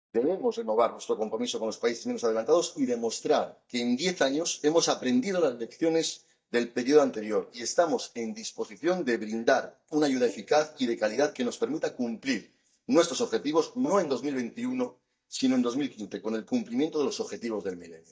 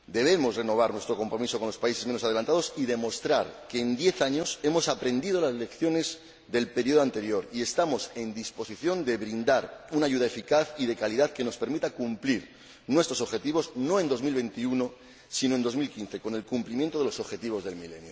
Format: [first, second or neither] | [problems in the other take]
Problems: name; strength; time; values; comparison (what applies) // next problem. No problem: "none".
second | noise reduction (neural mask model DeepFilterNet 3)